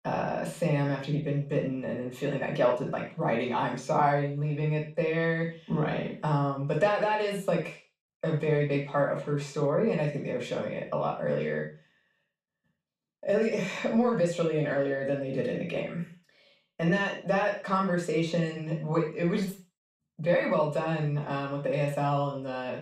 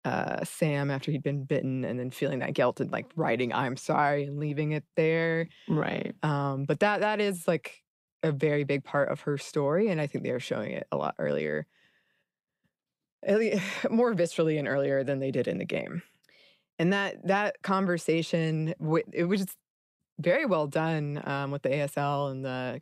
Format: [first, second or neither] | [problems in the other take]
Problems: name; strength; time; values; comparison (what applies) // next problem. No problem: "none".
second | room echo; noticeable; dies away in 0.4 s // off-mic speech; far